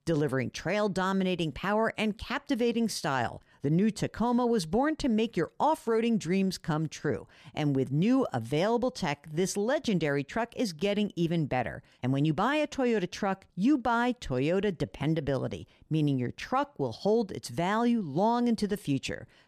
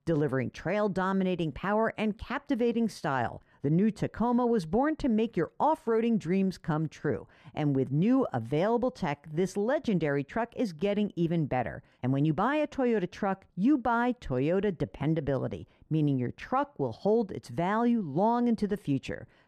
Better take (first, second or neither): first